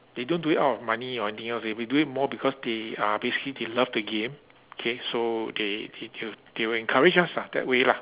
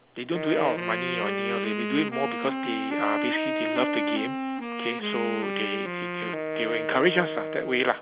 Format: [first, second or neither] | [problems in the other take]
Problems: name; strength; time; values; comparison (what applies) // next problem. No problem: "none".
first | background sound (Wind instrument, woodwind instrument); 1 dB below the speech